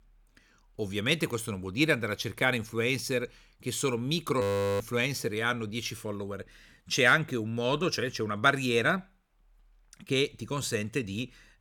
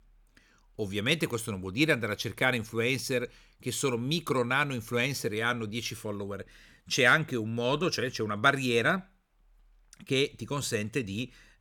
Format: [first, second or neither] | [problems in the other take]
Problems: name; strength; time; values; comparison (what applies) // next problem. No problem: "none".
second | audio freezing; at 4.5 s